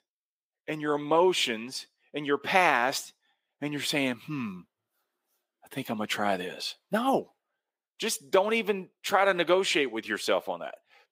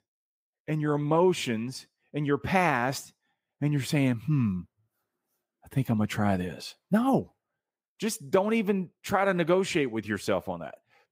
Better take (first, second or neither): second